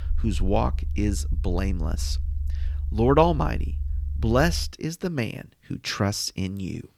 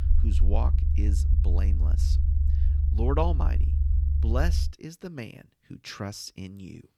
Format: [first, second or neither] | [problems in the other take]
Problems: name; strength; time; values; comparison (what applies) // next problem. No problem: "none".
first | low rumble; loud; until 4.5 s; 8 dB below the speech; faint in the first